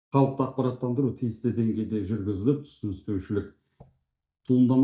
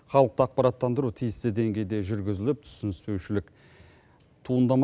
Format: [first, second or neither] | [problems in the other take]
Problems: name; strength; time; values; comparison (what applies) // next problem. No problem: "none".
second | noise reduction (neural mask model DeepFilterNet 3)